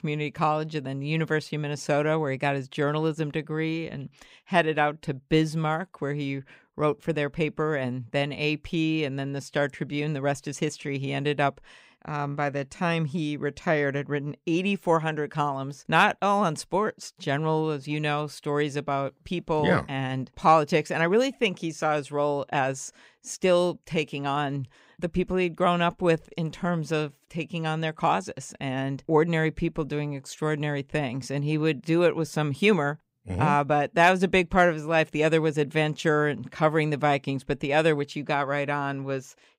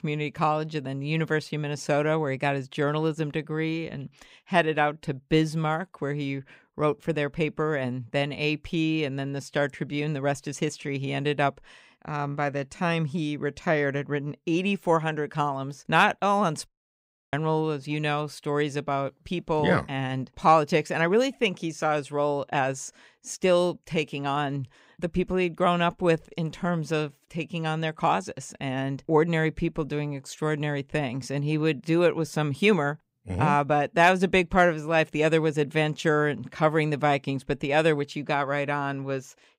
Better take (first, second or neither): first